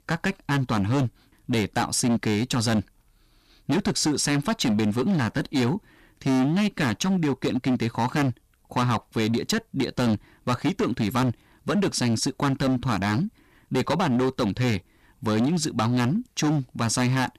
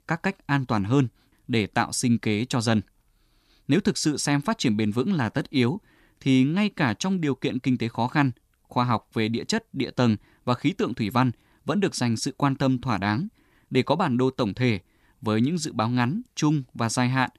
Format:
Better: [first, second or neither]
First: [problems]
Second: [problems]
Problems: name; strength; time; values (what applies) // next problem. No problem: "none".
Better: second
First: distortion; heavy; 16% of the sound clipped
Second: none